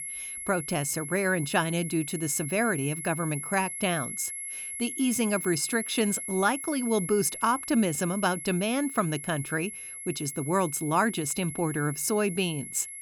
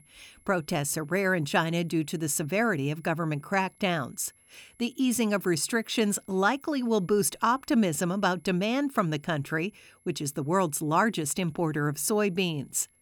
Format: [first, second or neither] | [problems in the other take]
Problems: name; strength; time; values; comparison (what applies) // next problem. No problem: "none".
second | high-pitched whine; loud; throughout; 11 kHz, 7 dB below the speech; faint in the second